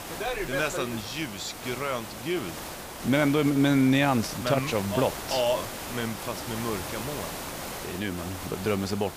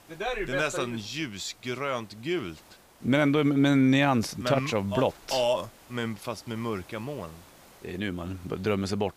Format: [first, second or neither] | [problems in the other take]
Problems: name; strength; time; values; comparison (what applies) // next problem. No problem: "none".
second | hiss; loud; throughout; 9 dB below the speech; faint in the second